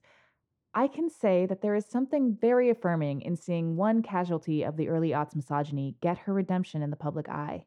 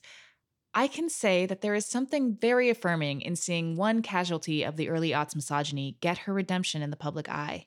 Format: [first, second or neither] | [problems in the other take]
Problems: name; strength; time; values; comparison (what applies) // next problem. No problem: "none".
second | muffled; very; fading above 2 kHz